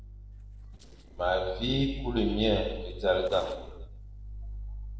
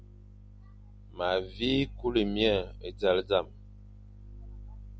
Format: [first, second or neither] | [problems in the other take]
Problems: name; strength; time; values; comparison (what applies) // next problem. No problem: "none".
second | noise reduction (neural separator model SepFormer DNS4)